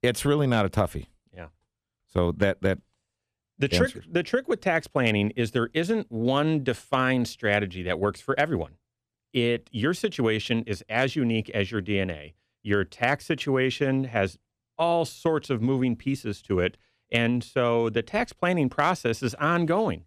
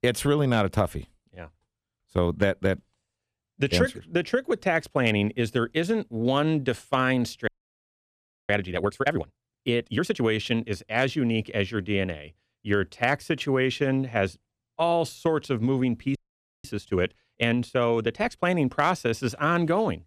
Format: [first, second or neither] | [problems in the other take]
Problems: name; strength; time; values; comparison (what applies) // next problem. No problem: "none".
first | audio freezing; at 7.5 s for 1 s and at 16 s